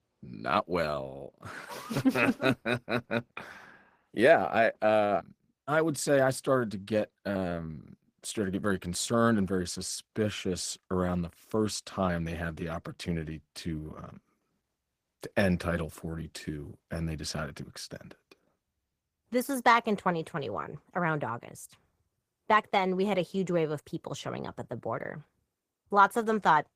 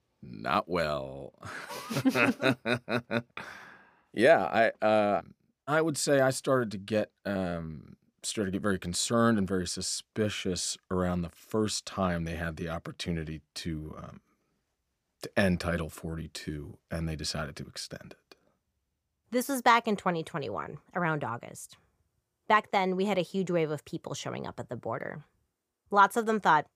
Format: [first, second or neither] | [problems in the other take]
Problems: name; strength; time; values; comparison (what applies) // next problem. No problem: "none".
second | garbled, watery; slightly; nothing above 15 kHz